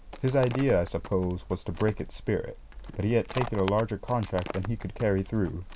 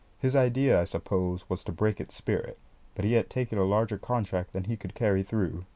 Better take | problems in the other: second | background sound (Livestock, farm animals, working animals); 12 dB below the speech

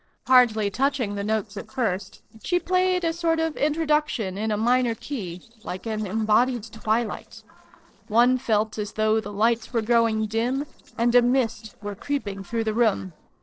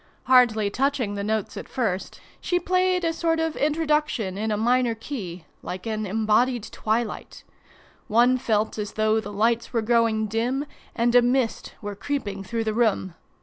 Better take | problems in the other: second | noise reduction (neural separator model SepFormer DNS4)

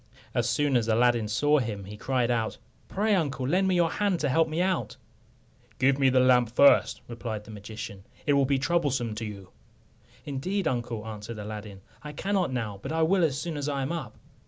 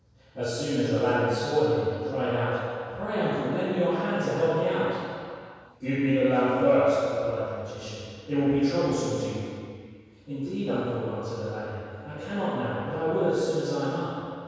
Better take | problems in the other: first | room echo; dies away in 2.2 s

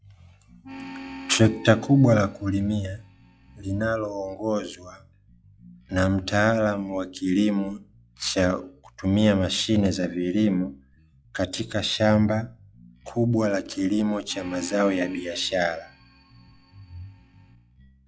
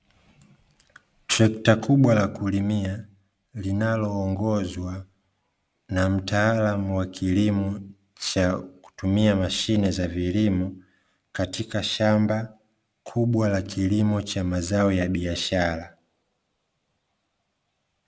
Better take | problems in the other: second | noise reduction (classical method log-MMSE)

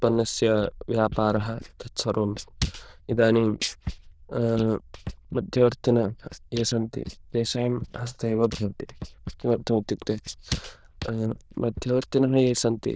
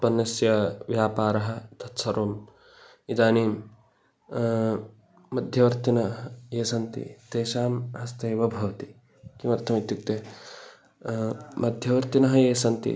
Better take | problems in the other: second | noise reduction (neural diffusion model UNIVERSE++)

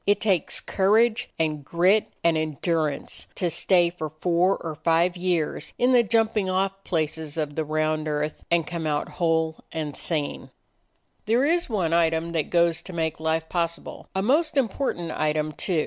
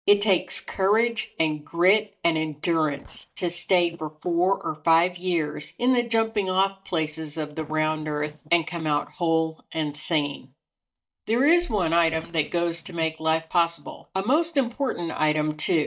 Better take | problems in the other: first | noise reduction (neural mask model DeepFilterNet 3)

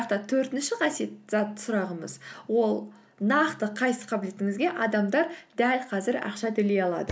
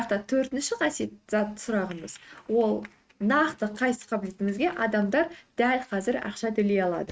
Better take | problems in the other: first | noise reduction (neural mask model RNNoise)

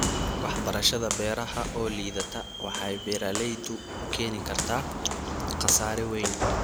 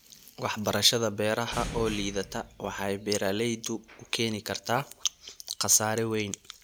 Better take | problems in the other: second | background sound (Walk, footsteps); 1 dB below the speech

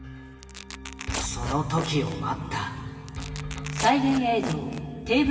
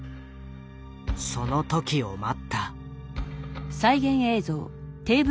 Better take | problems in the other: second | background sound (Tearing); 12 dB below the speech // room echo; dies away in 2.4 s

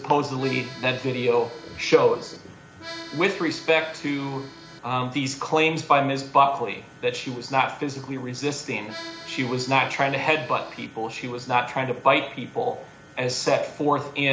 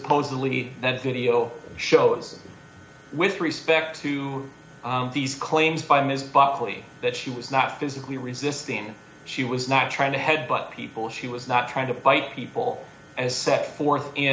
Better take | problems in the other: second | background sound (Accordion); 17 dB below the speech

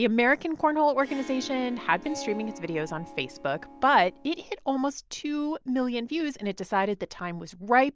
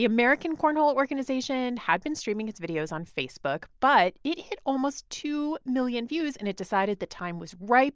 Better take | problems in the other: second | background sound (Harp); 16 dB below the speech

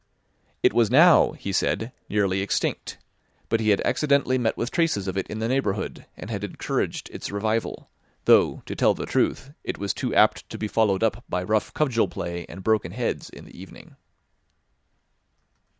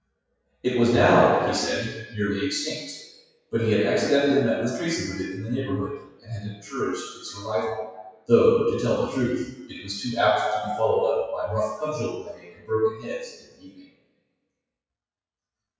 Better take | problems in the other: first | noise reduction (classical method WPE with log-MMSE)

